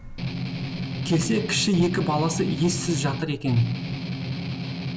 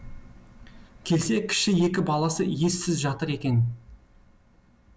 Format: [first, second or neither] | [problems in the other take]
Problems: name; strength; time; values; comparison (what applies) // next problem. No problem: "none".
second | background sound (Strum); 4 dB below the speech